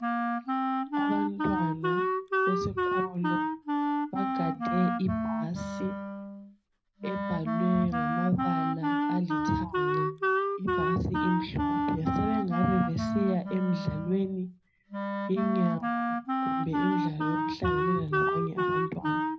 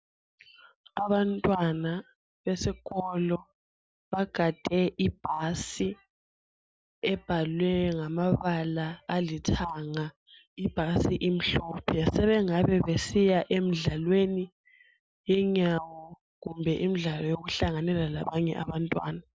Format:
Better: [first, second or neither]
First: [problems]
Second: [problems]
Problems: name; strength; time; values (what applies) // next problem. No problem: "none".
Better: second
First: background sound (Wind instrument, woodwind instrument); 2 dB above the speech // room echo; dies away in 0.4 s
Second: none